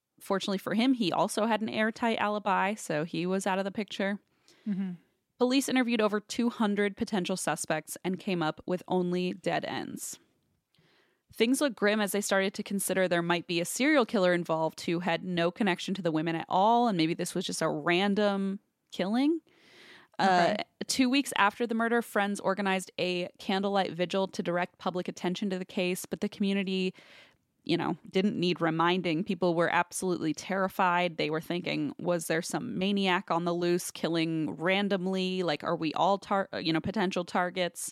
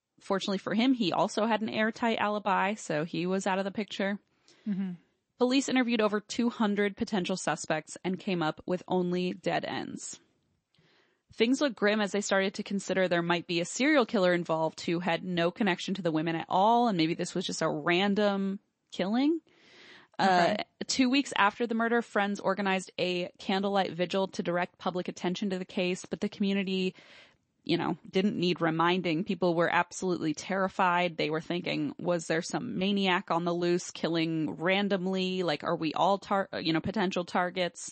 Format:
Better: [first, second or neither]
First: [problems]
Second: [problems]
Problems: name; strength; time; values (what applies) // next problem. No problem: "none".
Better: first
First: none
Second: garbled, watery; slightly; nothing above 8 kHz